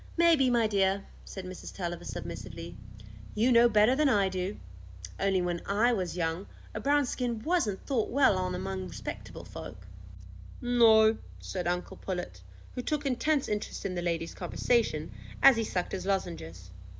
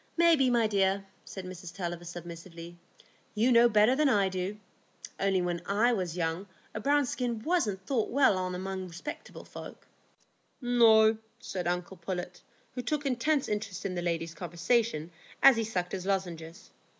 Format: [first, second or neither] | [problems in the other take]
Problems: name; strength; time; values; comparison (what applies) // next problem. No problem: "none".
second | background sound (Bass guitar); 13 dB below the speech